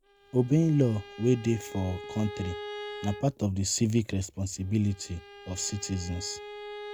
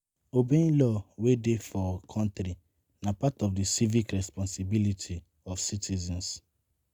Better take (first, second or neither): second